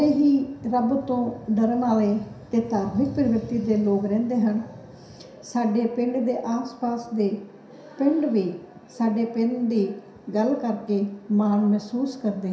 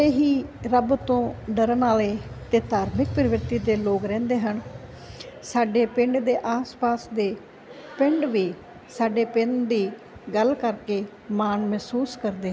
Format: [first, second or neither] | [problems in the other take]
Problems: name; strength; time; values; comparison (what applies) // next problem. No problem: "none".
second | room echo; dies away in 0.7 s